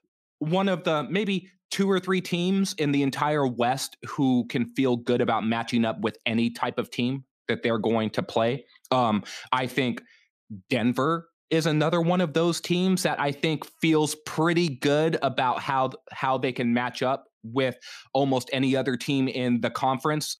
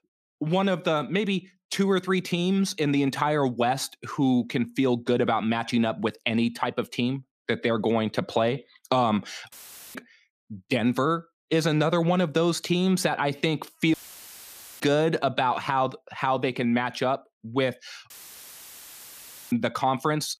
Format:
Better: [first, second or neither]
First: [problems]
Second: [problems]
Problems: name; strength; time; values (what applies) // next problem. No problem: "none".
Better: first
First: none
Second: audio cutting out; filled with static; at 9.5 s, at 14 s for 1 s and at 18 s for 1.5 s